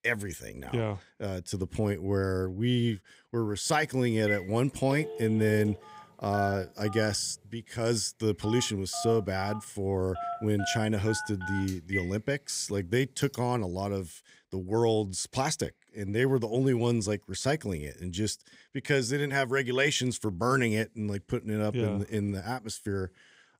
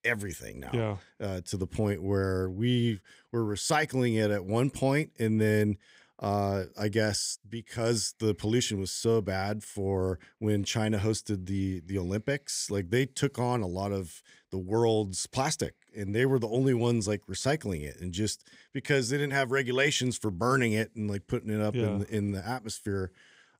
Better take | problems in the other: second | phone ringing; noticeable; from 4.5 to 13 s; peak 4 dB below the speech

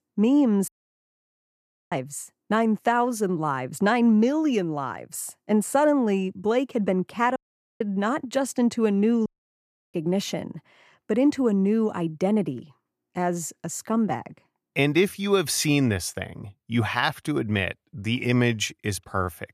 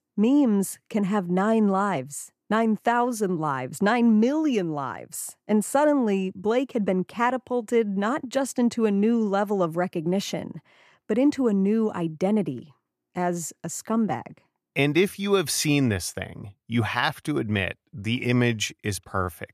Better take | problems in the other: second | audio cutting out; at 0.5 s for 1 s, at 7.5 s and at 9.5 s for 0.5 s

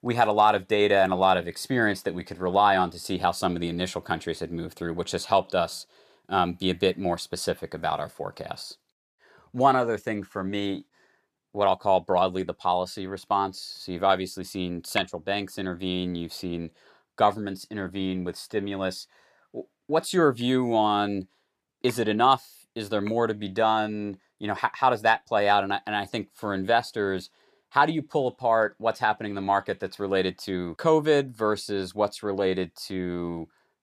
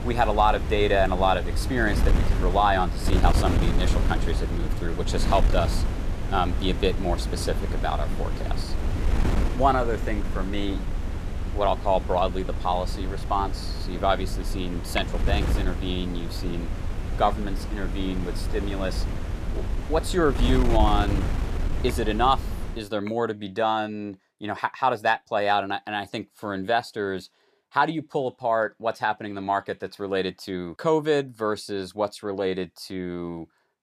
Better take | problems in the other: first | wind noise on the microphone; occasional gusts; until 23 s; 10 dB below the speech

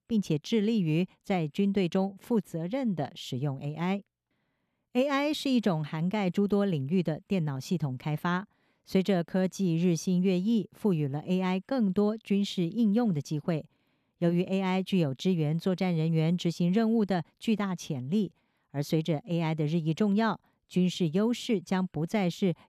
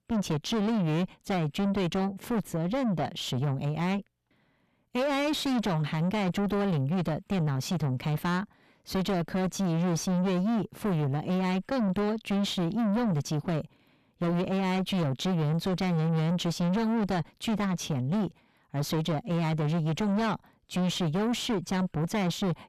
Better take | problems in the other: first | distortion; heavy; 6 dB below the speech

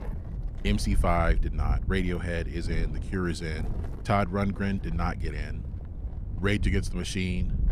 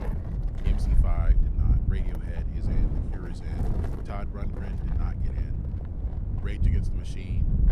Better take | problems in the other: first | wind noise on the microphone; heavy; 2 dB above the speech; occasional gusts in the first

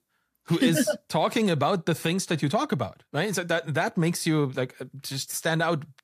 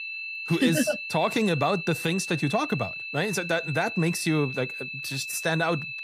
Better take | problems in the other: first | high-pitched whine; loud; throughout; 2.5 kHz, 6 dB below the speech

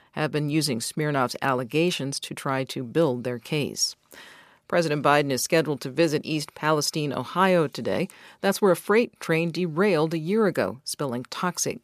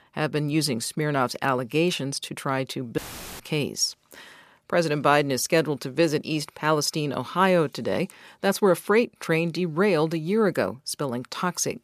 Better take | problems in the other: first | audio cutting out; filled with static; at 3 s

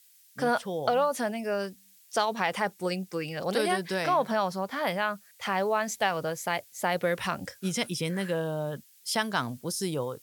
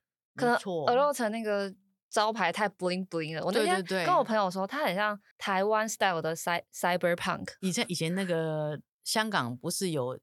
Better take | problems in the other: second | hiss; faint; throughout; 25 dB below the speech

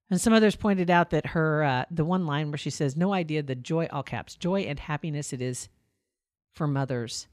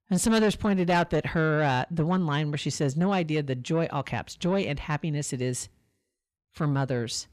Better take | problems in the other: first | distortion; slight; 10 dB below the speech

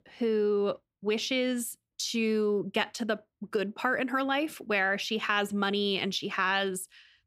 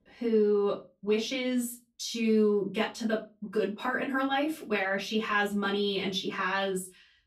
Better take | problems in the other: first | off-mic speech; far // room echo; very slight; dies away in 0.2 s

